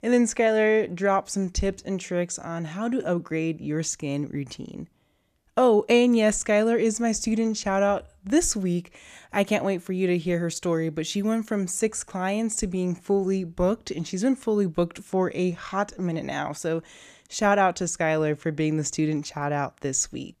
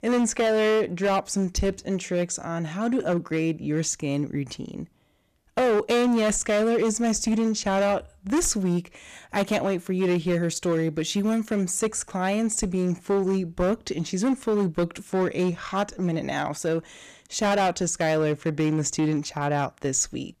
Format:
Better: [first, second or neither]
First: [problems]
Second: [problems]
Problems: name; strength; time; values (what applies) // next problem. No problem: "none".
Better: first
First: none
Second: distortion; slight; 11% of the sound clipped